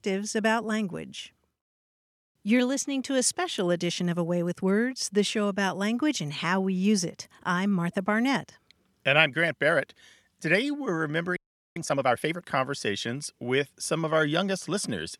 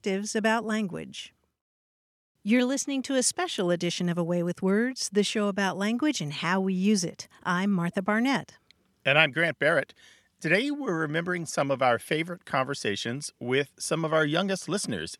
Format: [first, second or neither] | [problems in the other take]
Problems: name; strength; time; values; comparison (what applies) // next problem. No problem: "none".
second | audio freezing; at 11 s